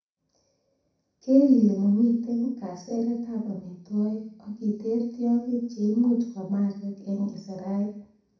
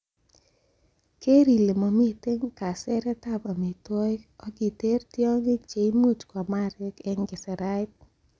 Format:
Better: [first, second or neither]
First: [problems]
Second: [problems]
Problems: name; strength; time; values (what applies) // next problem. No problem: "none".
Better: second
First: room echo; dies away in 0.6 s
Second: none